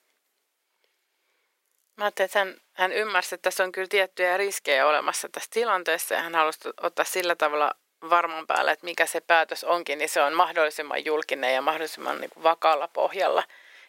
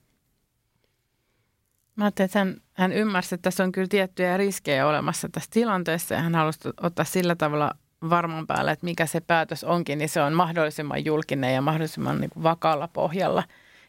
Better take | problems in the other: second | thin; very; fading below 400 Hz

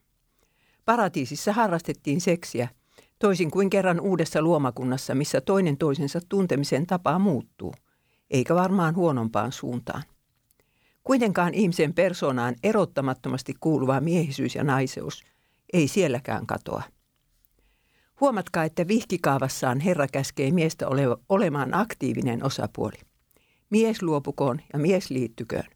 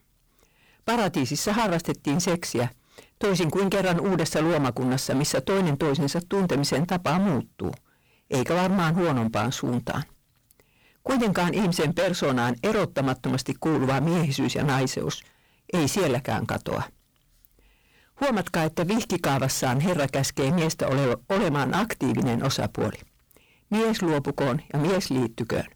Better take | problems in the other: first | distortion; heavy; 24% of the sound clipped

